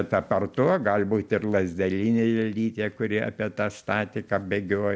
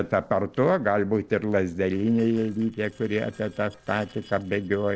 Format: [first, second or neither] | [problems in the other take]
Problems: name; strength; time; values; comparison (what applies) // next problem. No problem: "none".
first | noise reduction (neural separator model SepFormer DNS4)